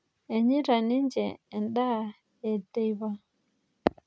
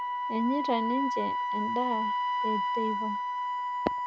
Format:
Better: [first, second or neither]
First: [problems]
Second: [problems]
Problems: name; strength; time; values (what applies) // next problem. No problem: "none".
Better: first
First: none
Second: background sound (Wind instrument, woodwind instrument); 3 dB above the speech